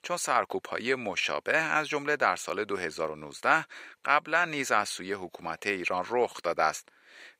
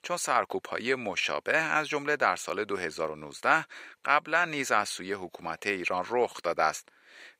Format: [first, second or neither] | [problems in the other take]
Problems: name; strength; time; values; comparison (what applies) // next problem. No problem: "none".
neither | thin; very; fading below 450 Hz; the same in both